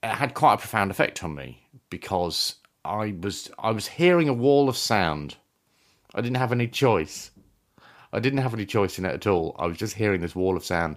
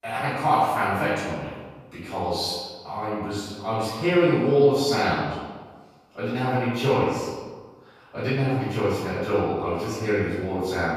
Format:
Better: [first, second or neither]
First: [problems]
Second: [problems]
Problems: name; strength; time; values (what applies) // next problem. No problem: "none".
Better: first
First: none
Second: off-mic speech; far // room echo; strong; dies away in 1.2 s